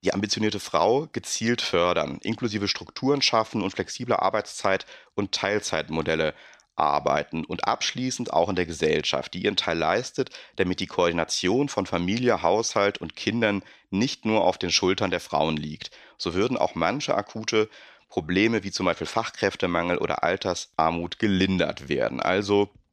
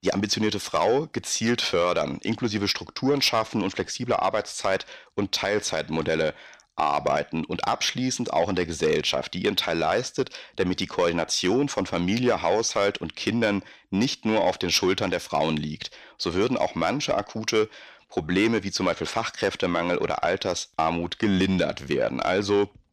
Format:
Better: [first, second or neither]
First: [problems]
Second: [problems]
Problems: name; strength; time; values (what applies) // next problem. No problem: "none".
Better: first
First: none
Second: distortion; slight; 10 dB below the speech